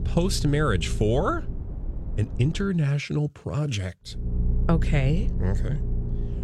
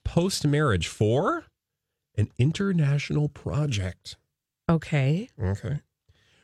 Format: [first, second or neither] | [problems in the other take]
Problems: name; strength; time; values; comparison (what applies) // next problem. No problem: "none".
second | low rumble; noticeable; until 2.5 s and from 4 s on; 15 dB below the speech